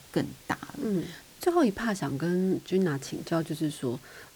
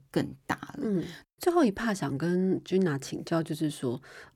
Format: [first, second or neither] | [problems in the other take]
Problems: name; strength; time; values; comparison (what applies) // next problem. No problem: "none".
second | hiss; faint; throughout; 20 dB below the speech